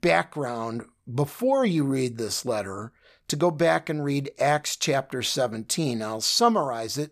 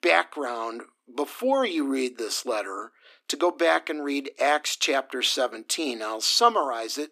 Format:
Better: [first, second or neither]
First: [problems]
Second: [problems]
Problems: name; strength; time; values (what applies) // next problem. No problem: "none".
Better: first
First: none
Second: thin; very slightly; fading below 250 Hz